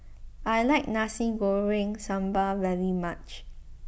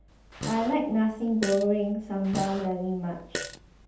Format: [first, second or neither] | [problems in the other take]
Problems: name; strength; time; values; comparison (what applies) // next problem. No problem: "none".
first | background sound (Fart); 11 dB below the speech // room echo; dies away in 0.6 s